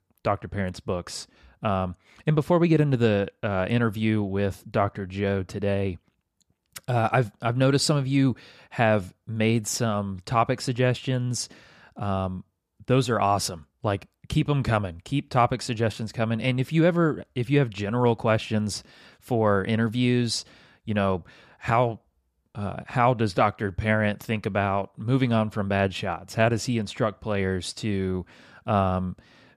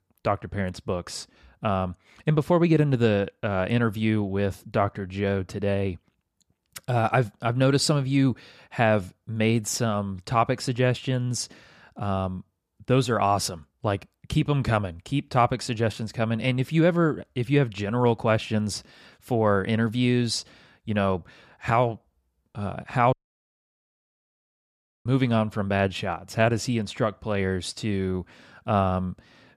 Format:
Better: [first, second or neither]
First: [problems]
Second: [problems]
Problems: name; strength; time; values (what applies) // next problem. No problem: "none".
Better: first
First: none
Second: audio cutting out; at 23 s for 2 s